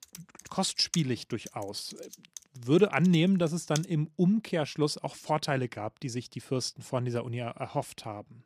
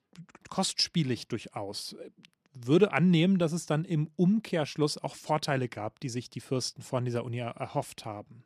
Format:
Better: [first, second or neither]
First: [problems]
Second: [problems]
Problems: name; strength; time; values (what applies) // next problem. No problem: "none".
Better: second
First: keyboard typing; noticeable; until 4 s; peak 9 dB below the speech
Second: none